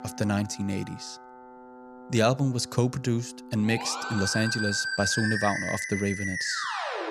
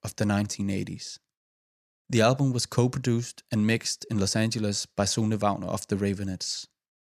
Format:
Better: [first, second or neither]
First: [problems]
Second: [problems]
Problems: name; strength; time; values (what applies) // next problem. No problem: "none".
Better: second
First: background music; loud; throughout; 3 dB below the speech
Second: none